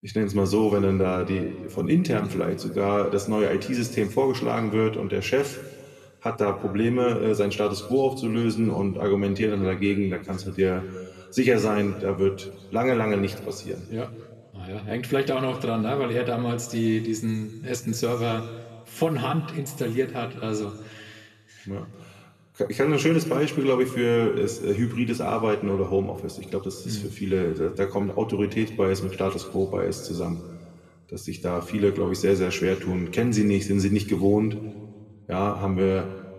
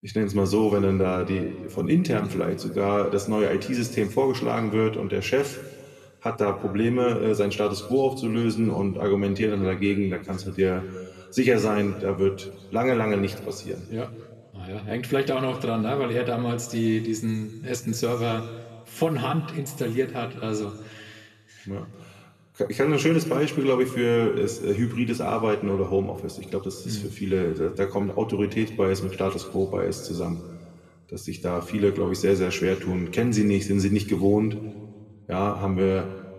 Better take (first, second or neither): neither